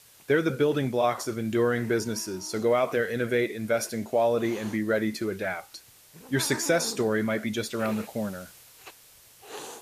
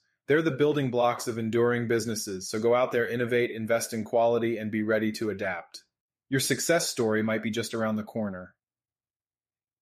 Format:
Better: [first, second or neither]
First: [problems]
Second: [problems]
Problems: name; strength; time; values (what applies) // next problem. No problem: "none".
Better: second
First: hiss; noticeable; throughout; 20 dB below the speech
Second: none